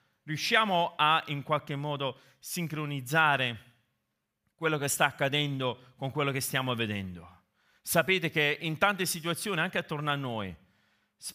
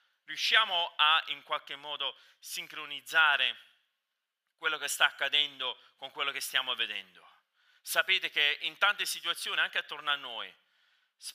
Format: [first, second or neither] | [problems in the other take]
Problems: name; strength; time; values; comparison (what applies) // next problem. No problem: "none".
first | thin; very; fading below 700 Hz